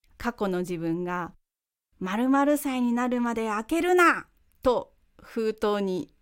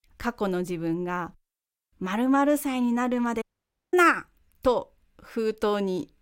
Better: first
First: none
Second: audio cutting out; at 3.5 s for 0.5 s

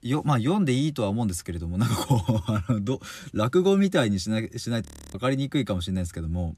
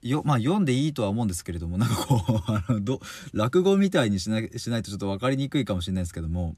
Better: second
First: audio freezing; at 5 s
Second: none

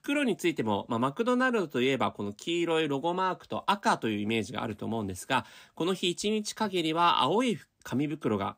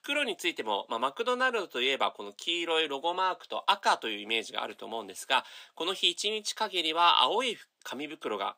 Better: first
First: none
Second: thin; somewhat; fading below 550 Hz

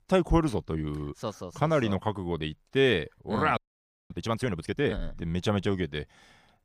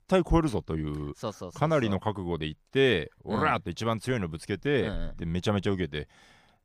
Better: second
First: audio freezing; at 3.5 s for 0.5 s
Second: none

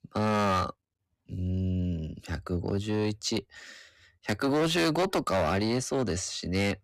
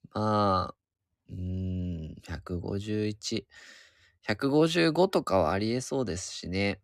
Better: second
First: distortion; heavy; 10% of the sound clipped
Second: none

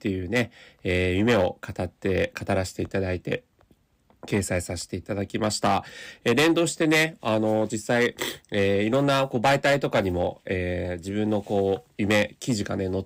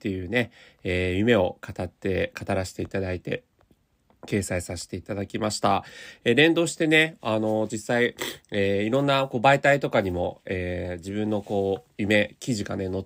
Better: second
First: distortion; slight; 4% of the sound clipped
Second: none

